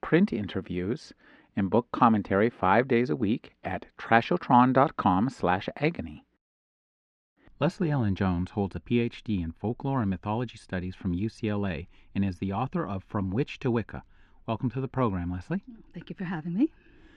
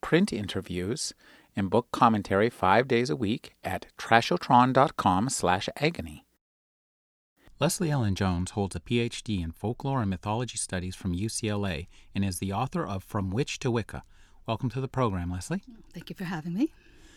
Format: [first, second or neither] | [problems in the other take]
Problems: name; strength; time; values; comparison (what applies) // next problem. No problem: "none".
second | muffled; slightly; fading above 2.5 kHz